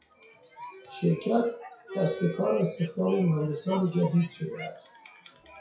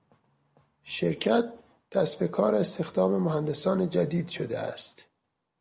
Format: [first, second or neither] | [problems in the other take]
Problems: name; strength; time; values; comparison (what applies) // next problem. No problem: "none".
second | noise reduction (classical method WPE with log-MMSE)